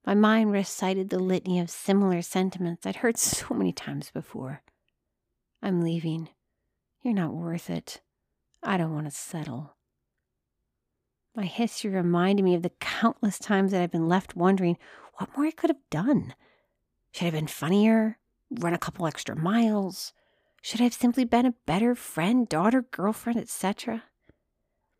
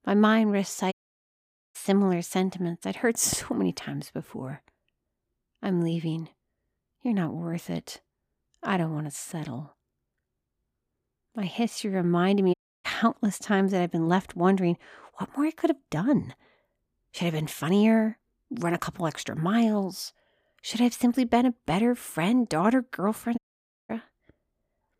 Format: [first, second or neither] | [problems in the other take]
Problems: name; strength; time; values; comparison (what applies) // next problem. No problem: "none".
first | audio cutting out; at 1 s for 1 s, at 13 s and at 23 s for 0.5 s